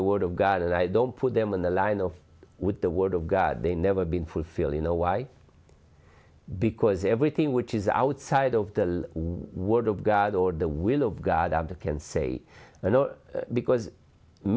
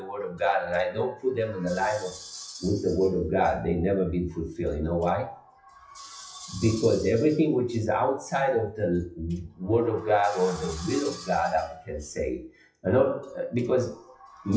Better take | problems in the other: first | noise reduction (classical method WPE with log-MMSE)

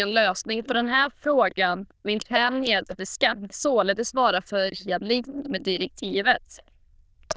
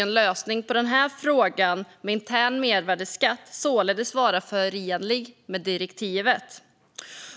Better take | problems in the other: second | noise reduction (neural diffusion model UNIVERSE++)

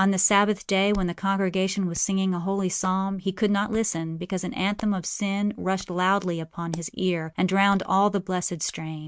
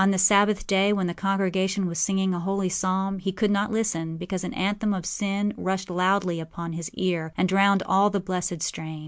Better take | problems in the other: second | noise reduction (neural mask model RNNoise)

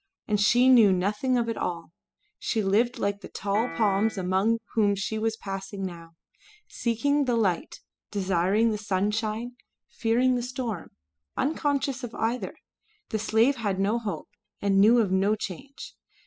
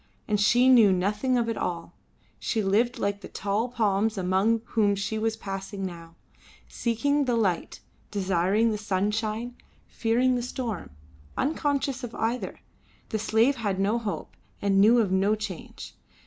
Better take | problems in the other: second | noise reduction (classical method spectral subtraction)

